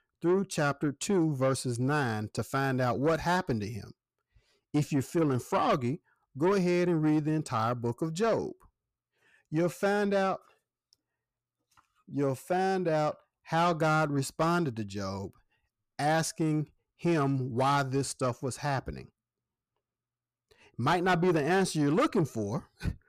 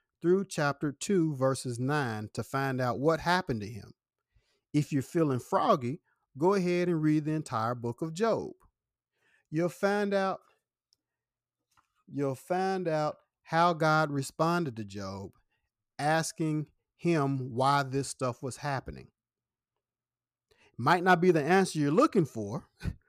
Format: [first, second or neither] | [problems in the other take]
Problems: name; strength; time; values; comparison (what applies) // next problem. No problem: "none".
second | distortion; slight; 10 dB below the speech